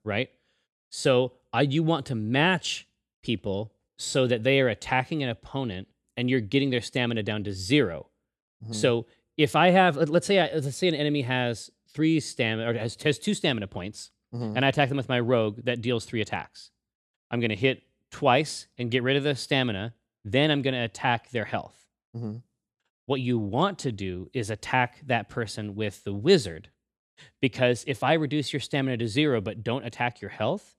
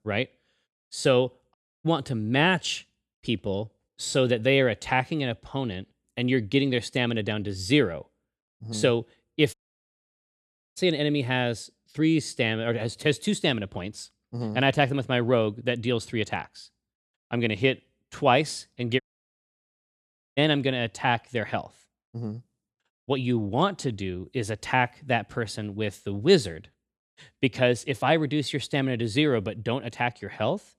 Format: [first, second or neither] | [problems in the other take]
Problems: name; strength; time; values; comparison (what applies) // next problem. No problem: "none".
first | audio cutting out; at 1.5 s, at 9.5 s for 1 s and at 19 s for 1.5 s